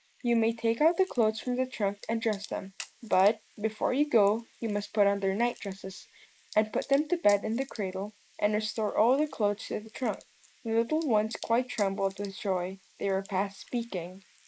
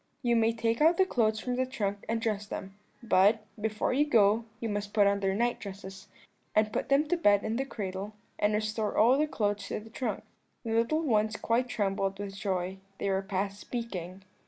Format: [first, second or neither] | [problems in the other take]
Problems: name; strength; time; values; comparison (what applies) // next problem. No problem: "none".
second | noise reduction (neural mask model Resemble Enhance denoiser)